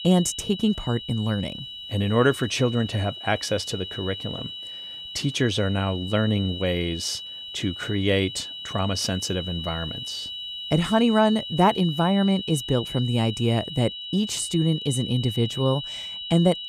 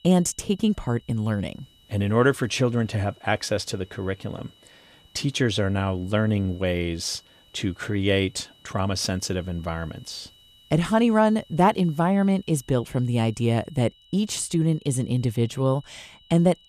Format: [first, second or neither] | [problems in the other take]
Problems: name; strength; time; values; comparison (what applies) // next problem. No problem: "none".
second | high-pitched whine; loud; throughout; 3 kHz, 8 dB below the speech; faint in the second